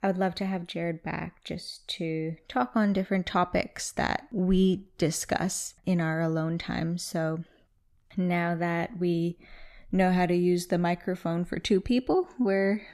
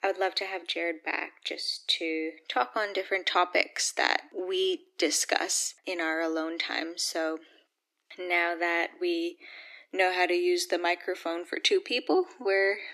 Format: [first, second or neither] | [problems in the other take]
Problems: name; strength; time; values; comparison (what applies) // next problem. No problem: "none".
first | thin; very; fading below 300 Hz